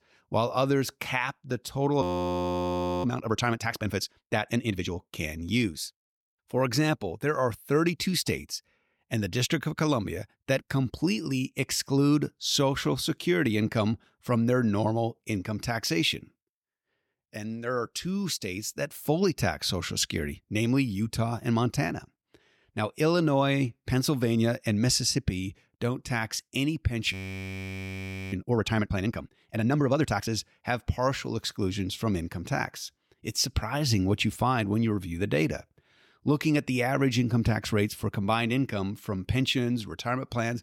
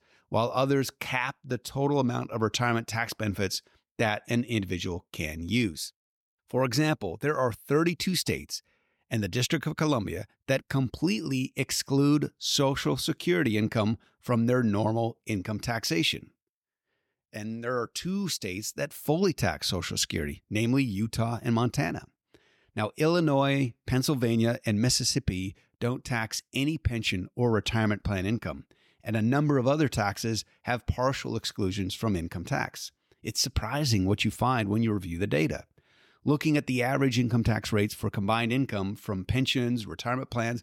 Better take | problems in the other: second | audio freezing; at 2 s for 1 s and at 27 s for 1 s

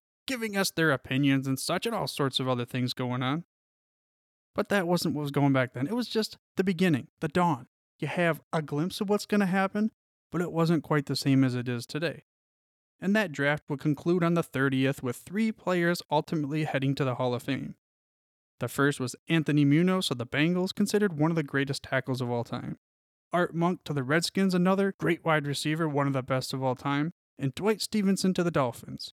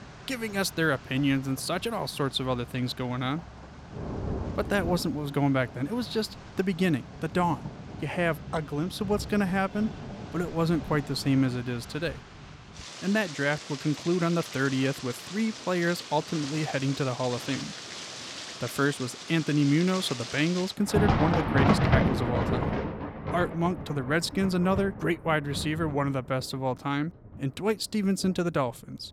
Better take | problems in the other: first | rain or running water; loud; throughout; 6 dB below the speech

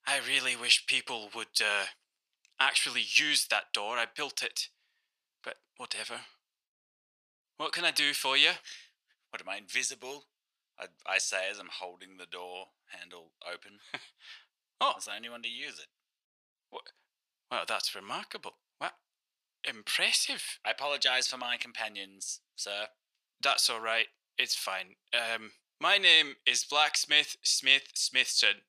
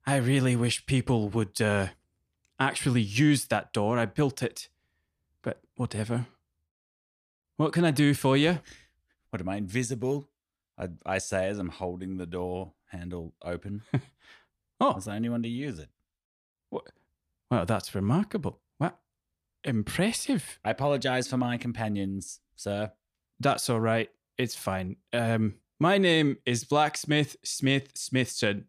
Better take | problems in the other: second | thin; very; fading below 950 Hz

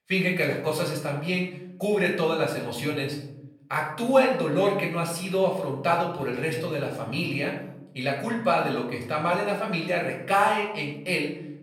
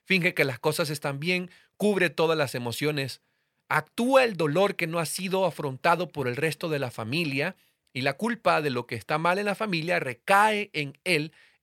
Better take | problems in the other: second | off-mic speech; far // room echo; noticeable; dies away in 0.8 s

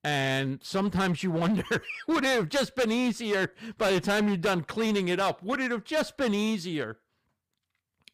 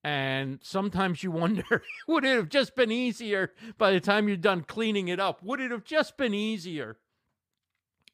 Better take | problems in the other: second | distortion; heavy; 13% of the sound clipped

